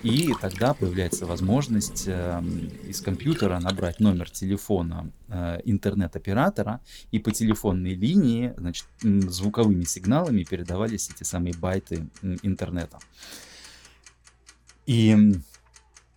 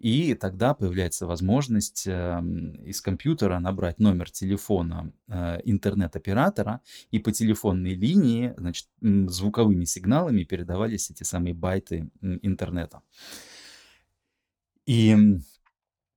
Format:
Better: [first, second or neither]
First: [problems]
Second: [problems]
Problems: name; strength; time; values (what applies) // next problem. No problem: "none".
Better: second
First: household noises; noticeable; throughout; 15 dB below the speech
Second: none